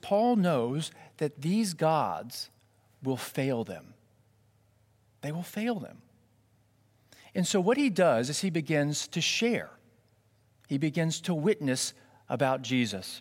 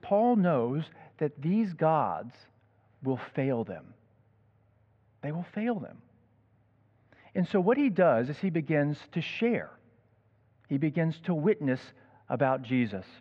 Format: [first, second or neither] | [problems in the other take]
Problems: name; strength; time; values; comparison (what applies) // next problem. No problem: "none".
first | muffled; very; fading above 2 kHz